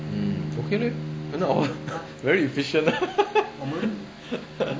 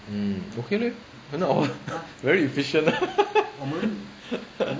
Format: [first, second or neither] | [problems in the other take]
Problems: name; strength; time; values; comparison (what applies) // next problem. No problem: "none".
second | background sound (Bowed string instrument); 10 dB below the speech